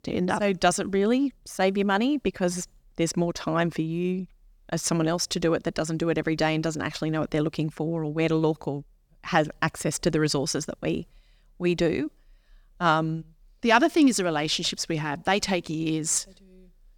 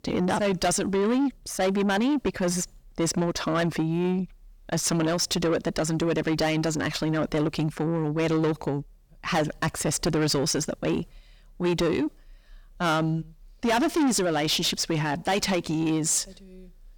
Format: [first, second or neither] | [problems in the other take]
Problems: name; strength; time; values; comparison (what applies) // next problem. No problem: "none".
first | distortion; heavy; 7 dB below the speech